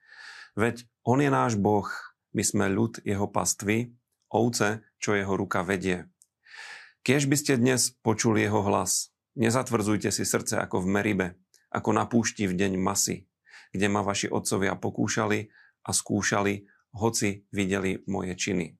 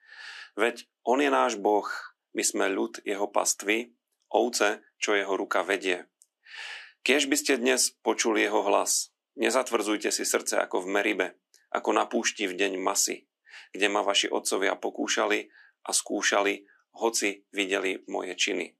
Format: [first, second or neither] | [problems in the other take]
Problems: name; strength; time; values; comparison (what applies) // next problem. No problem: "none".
first | thin; somewhat; fading below 300 Hz